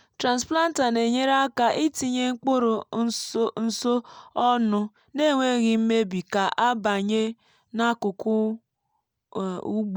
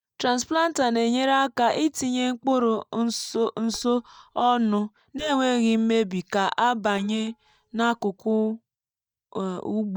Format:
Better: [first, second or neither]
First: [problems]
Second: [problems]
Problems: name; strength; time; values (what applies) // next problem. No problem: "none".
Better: first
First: none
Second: noise reduction (neural mask model DeepFilterNet 3)